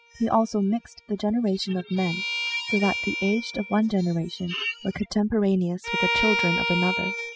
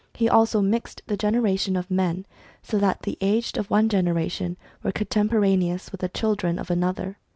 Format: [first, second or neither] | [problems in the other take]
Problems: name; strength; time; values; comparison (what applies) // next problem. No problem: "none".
second | noise reduction (classical method spectral subtraction)